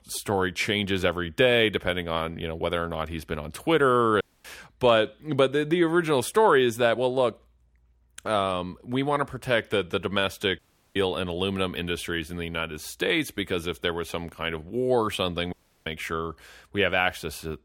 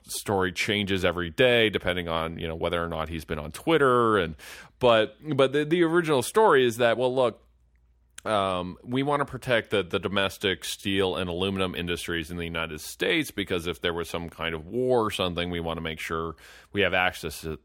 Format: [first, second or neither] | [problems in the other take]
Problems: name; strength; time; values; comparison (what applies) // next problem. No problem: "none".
second | audio cutting out; at 4 s, at 11 s and at 16 s